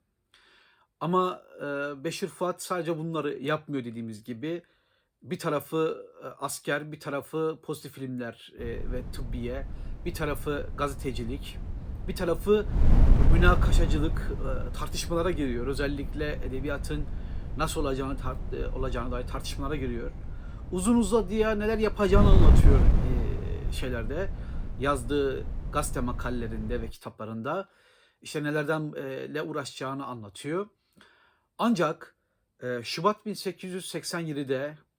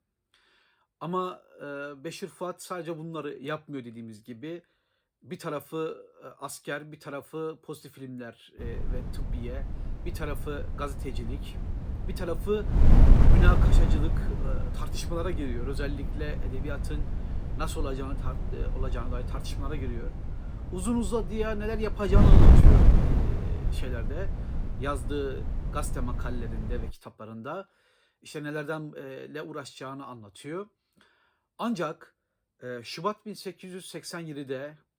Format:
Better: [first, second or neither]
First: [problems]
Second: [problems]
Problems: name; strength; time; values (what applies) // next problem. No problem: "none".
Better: first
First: wind noise on the microphone; occasional gusts; from 8.5 to 27 s; 10 dB below the speech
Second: wind noise on the microphone; heavy; from 8.5 to 27 s; 2 dB below the speech